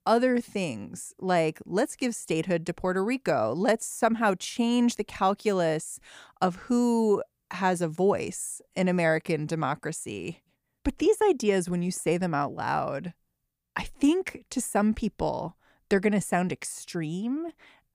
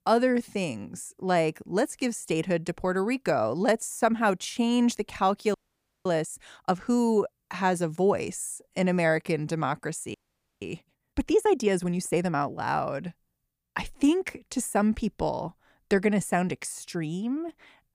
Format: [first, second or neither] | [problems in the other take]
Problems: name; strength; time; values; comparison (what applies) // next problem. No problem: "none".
first | audio freezing; at 5.5 s for 0.5 s and at 10 s